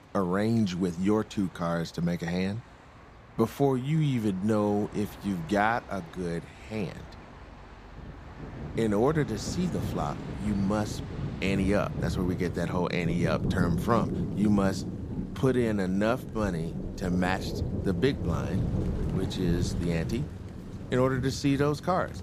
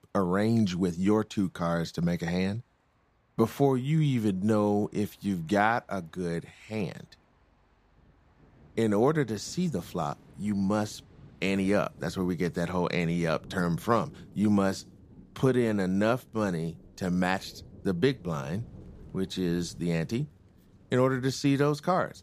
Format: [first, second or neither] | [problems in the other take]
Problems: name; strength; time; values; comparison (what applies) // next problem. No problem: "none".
second | rain or running water; loud; throughout; 6 dB below the speech; faint in the second